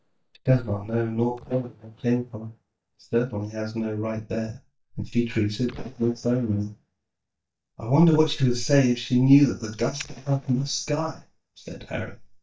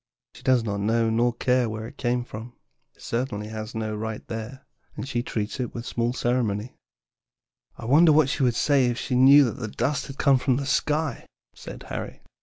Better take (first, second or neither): second